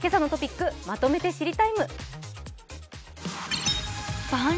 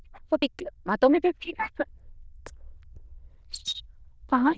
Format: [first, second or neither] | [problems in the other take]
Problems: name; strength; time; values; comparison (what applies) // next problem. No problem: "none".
first | noise reduction (neural diffusion model UNIVERSE++)